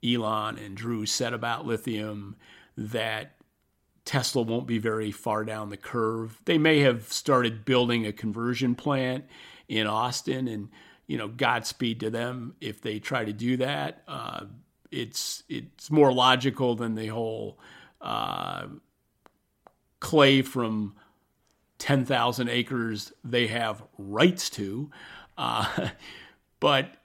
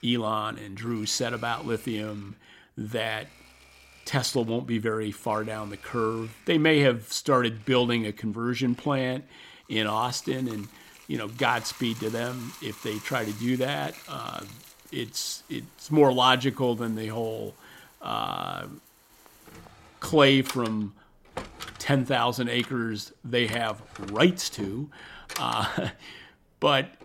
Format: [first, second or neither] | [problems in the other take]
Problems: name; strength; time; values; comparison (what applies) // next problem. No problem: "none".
first | household noises; noticeable; throughout; 20 dB below the speech